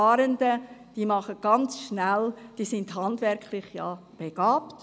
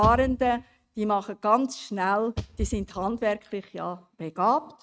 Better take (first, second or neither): first